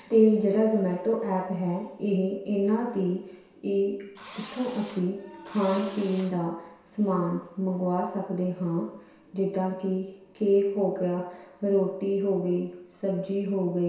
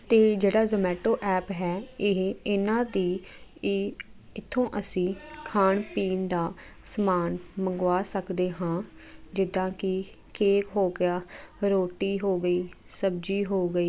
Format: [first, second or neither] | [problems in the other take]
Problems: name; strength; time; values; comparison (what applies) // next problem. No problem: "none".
second | background sound (Engine / Drill); 19 dB below the speech // room echo; dies away in 0.7 s